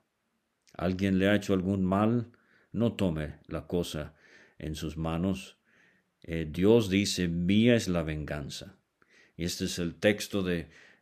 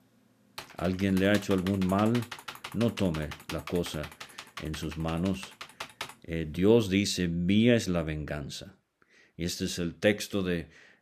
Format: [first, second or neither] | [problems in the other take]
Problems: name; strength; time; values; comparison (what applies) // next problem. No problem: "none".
first | keyboard typing; faint; from 0.5 to 6 s; peak 10 dB below the speech